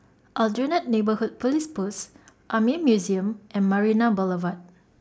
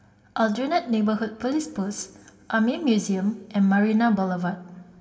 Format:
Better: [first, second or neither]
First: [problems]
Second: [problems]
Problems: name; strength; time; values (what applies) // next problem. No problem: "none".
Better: first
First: none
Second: room echo; dies away in 1.3 s